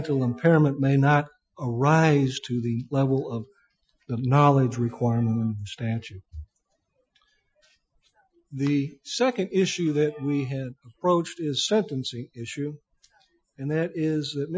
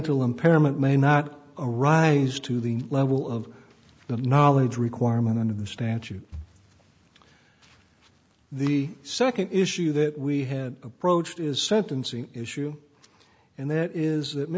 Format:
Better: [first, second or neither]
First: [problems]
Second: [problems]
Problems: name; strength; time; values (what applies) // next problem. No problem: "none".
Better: second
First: noise reduction (classical method Wiener filter)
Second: none